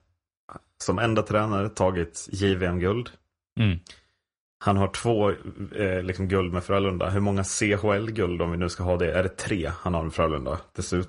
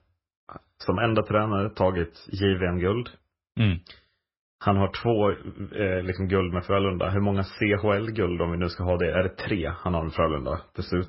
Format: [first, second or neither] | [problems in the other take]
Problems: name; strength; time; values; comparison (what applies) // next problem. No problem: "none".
first | garbled, watery; badly; nothing above 5.5 kHz; slightly in the first